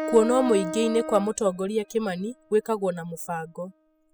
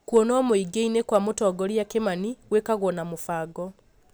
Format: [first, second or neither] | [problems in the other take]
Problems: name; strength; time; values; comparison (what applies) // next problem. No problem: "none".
second | noise reduction (classical method spectral subtraction)